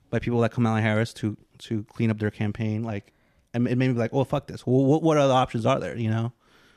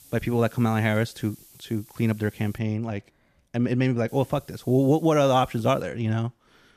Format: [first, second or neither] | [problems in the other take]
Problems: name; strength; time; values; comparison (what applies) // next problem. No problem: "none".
first | hiss; faint; until 2.5 s and from 4 to 6 s; 25 dB below the speech